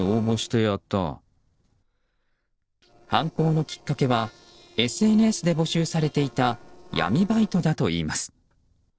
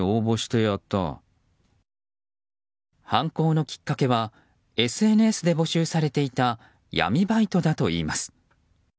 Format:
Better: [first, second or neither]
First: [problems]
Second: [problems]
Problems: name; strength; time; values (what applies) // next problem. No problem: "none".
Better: second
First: noise reduction (neural separator model SepFormer DNS4)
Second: none